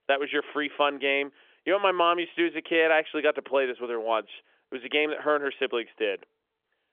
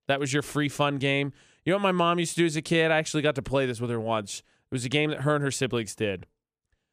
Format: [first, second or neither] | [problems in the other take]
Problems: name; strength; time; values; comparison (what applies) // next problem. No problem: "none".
second | phone-call audio; nothing above 3.5 kHz